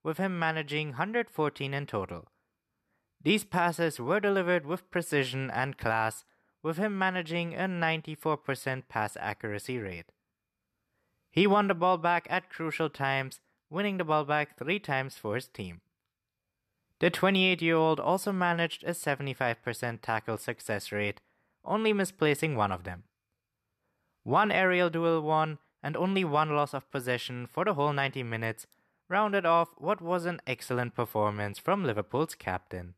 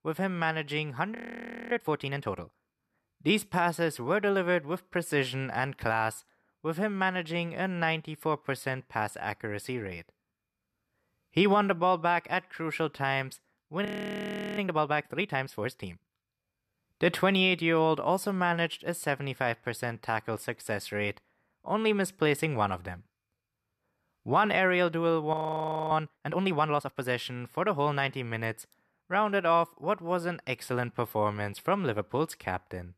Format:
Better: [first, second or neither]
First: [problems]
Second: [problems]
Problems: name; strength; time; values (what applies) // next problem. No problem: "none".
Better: first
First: none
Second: audio freezing; at 1 s for 0.5 s, at 14 s for 0.5 s and at 25 s for 0.5 s